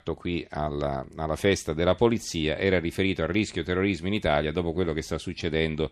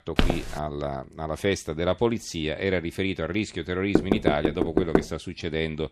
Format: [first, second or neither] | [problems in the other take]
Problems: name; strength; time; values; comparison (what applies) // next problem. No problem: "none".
first | footsteps; loud; at the start; peak 2 dB above the speech // door banging; loud; from 4 to 5 s; peak 5 dB above the speech